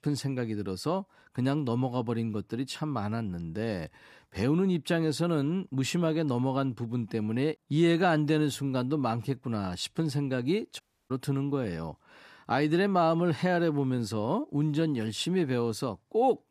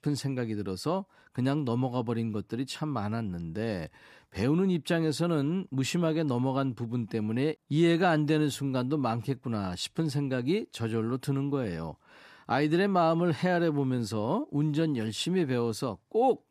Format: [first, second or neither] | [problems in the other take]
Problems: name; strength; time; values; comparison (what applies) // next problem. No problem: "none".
second | audio cutting out; at 11 s